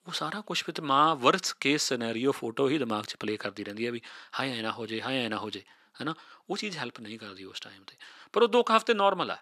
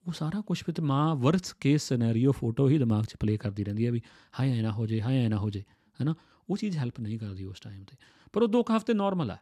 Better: second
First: thin; very; fading below 500 Hz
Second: none

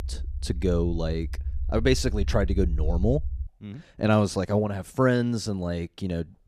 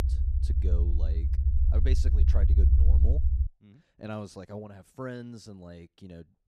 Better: first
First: low rumble; faint; until 3.5 s; 25 dB below the speech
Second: low rumble; loud; until 3.5 s; 1 dB below the speech

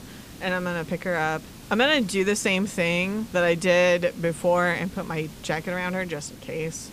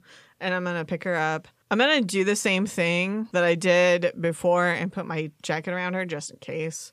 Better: second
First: hiss; noticeable; throughout; 20 dB below the speech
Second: none

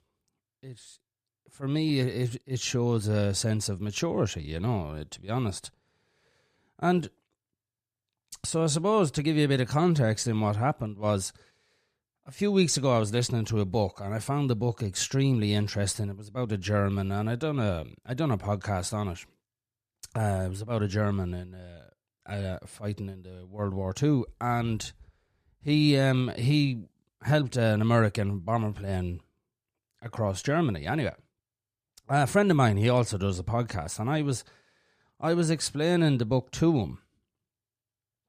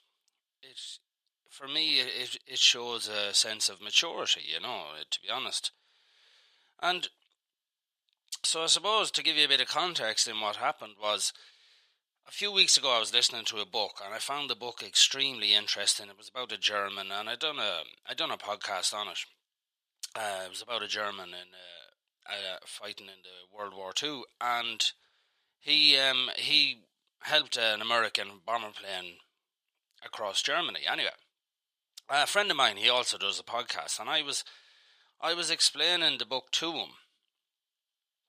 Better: first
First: none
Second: thin; very; fading below 850 Hz

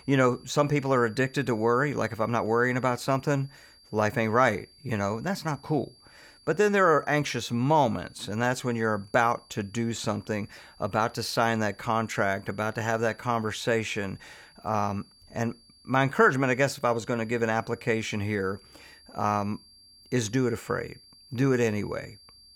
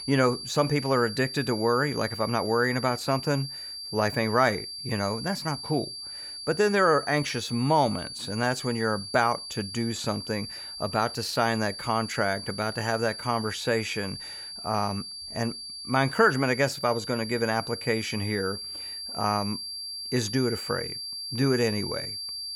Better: first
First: high-pitched whine; faint; throughout; 4.5 kHz, 25 dB below the speech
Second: high-pitched whine; loud; throughout; 4.5 kHz, 8 dB below the speech

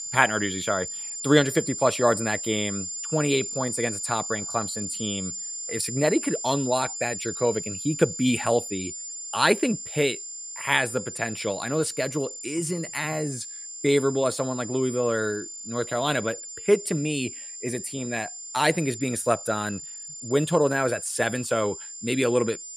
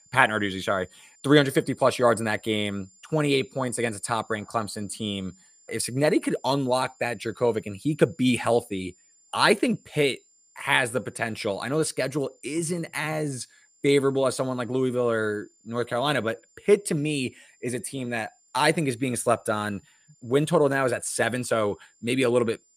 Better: second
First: high-pitched whine; loud; throughout; 7 kHz, 7 dB below the speech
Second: high-pitched whine; faint; throughout; 7 kHz, 30 dB below the speech

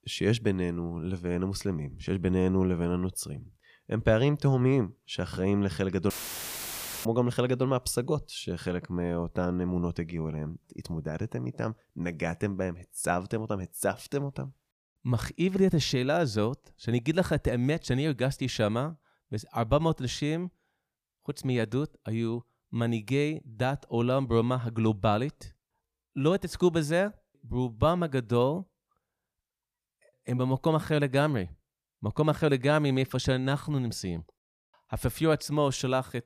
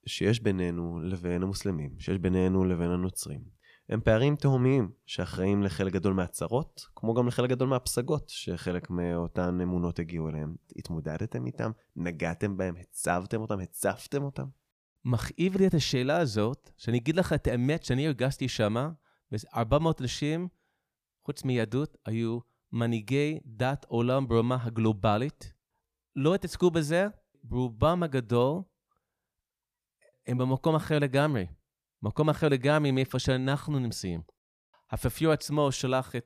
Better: second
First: audio cutting out; filled with static; at 6 s for 1 s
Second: none

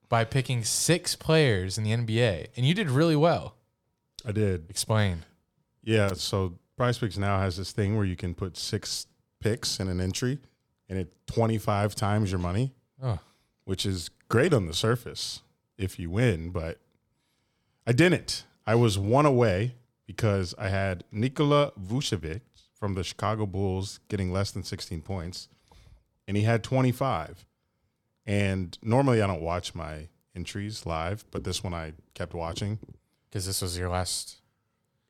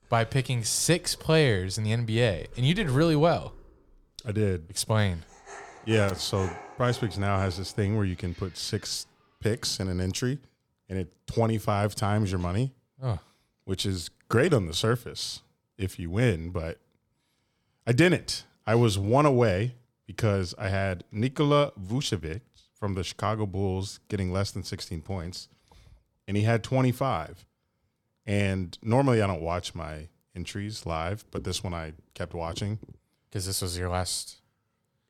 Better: first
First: none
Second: animal sounds; noticeable; until 9.5 s; 20 dB below the speech

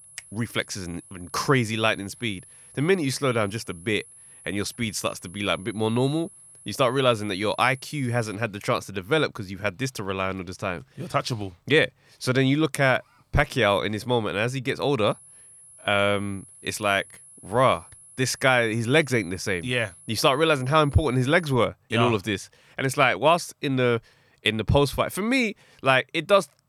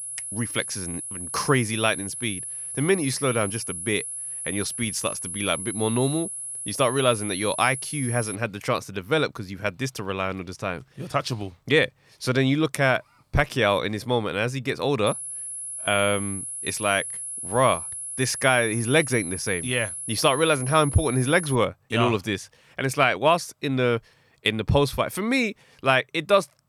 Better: first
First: high-pitched whine; faint; until 8.5 s and from 15 to 22 s; 10.5 kHz, 20 dB below the speech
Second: high-pitched whine; loud; until 8.5 s and from 15 to 22 s; 10.5 kHz, 7 dB below the speech

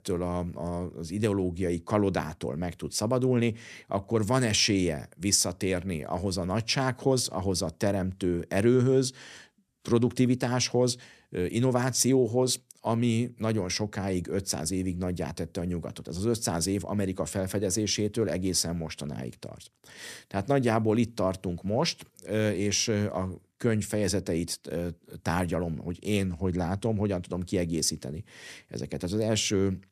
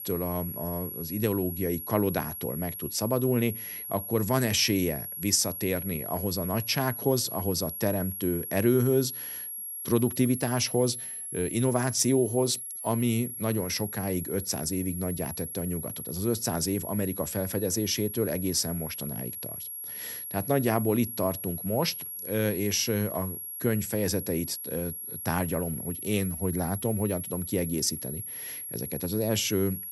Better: first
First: none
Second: high-pitched whine; loud; throughout; 11.5 kHz, 6 dB below the speech

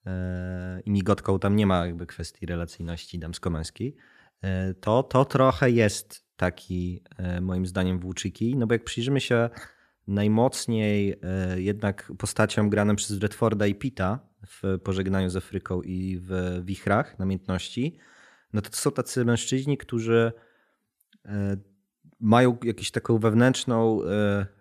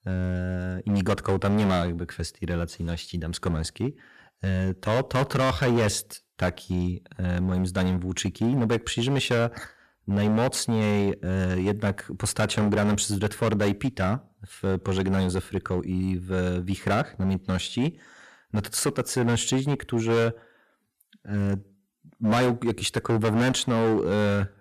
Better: first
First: none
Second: distortion; heavy; 12% of the sound clipped

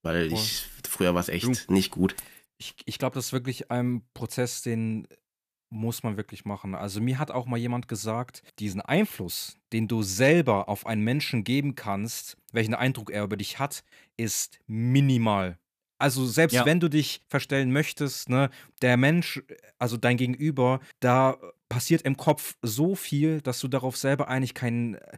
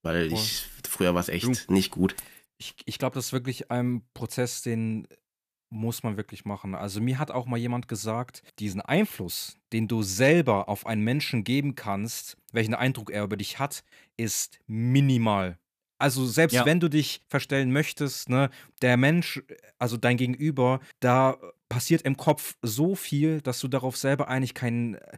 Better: neither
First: jangling keys; faint; at 2 s; peak 15 dB below the speech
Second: jangling keys; faint; at 2 s; peak 15 dB below the speech

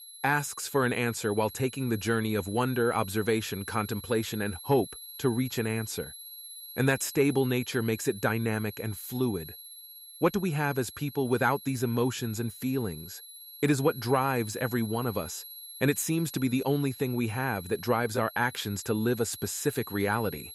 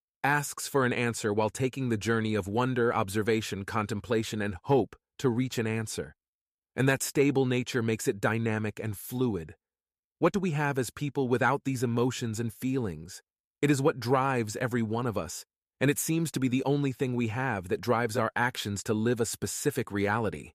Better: second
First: high-pitched whine; noticeable; throughout; 11.5 kHz, 15 dB below the speech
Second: none

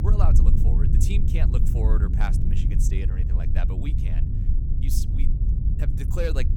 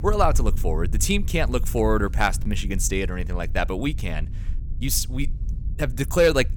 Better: second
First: low rumble; loud; throughout; 2 dB below the speech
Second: low rumble; faint; throughout; 20 dB below the speech

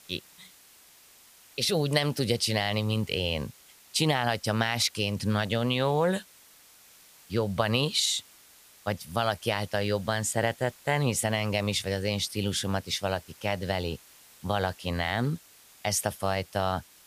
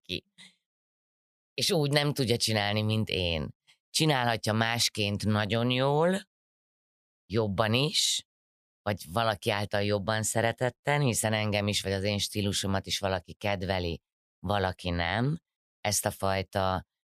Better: second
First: hiss; faint; throughout; 25 dB below the speech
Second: none

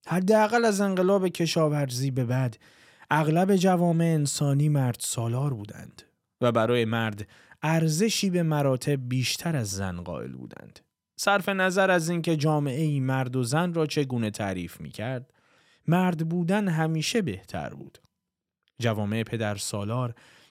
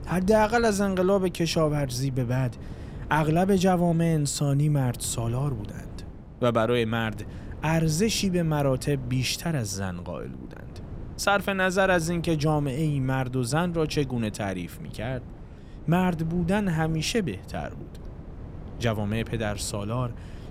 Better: first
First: none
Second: wind noise on the microphone; occasional gusts; 20 dB below the speech

